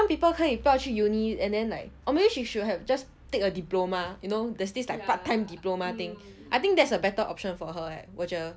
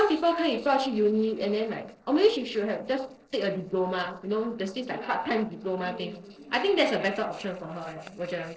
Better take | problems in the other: first | noise reduction (neural separator model SepFormer DNS4)

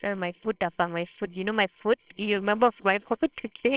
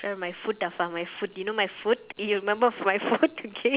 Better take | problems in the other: second | noise reduction (neural separator model SepFormer WHAMR!)

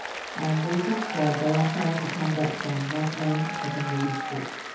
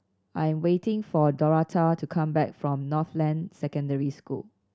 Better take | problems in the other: second | background sound (Applause); 6 dB below the speech // room echo; dies away in 1.3 s

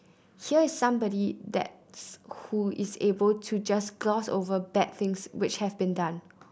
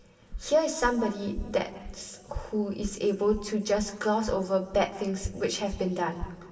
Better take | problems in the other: first | background sound (Walk, footsteps); 13 dB below the speech // room echo; dies away in 1.8 s

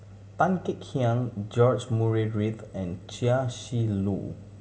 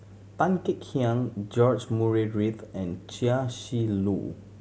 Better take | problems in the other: second | room echo; dies away in 1 s

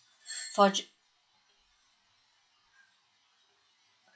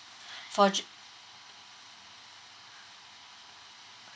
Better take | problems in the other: second | noise reduction (classical method log-MMSE)

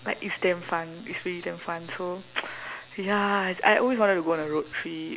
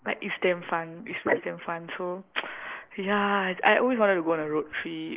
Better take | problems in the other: first | noise reduction (neural mask model Resemble Enhance denoiser)

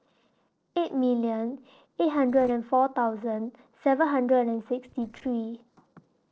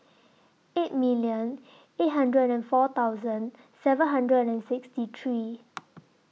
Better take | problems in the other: second | noise reduction (neural separator model SepFormer DNS4)

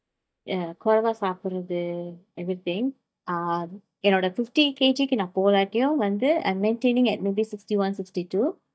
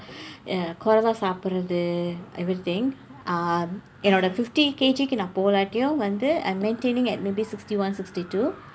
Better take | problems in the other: second | noise reduction (neural mask model DeepFilterNet 3)

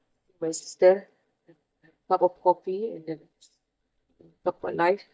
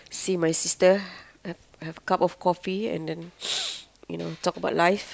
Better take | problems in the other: second | noise reduction (neural mask model DeepFilterNet 3)

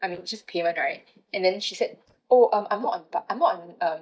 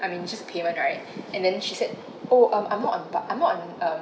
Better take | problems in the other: second | noise reduction (neural mask model DeepFilterNet 3)

